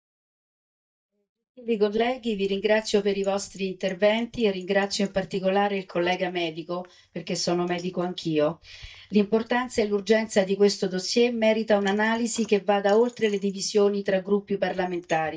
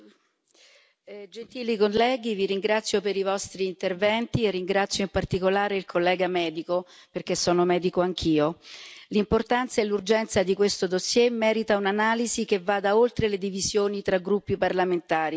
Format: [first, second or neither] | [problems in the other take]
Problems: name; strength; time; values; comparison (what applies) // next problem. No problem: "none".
second | noise reduction (neural mask model DeepFilterNet 3)